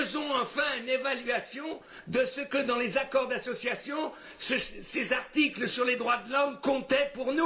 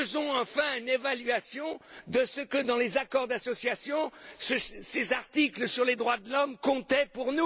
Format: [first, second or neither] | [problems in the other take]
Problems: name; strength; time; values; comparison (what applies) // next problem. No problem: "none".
second | room echo; dies away in 1.4 s